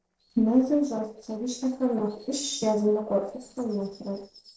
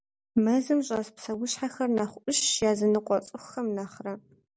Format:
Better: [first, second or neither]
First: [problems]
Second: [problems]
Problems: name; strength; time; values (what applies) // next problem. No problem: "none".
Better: second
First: noise reduction (neural separator model SepFormer DNS4)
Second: none